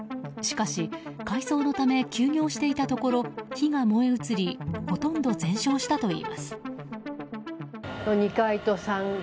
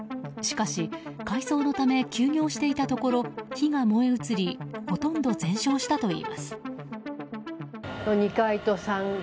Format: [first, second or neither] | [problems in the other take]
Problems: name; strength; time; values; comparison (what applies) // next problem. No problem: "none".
second | background sound (Bowed string instrument); 15 dB below the speech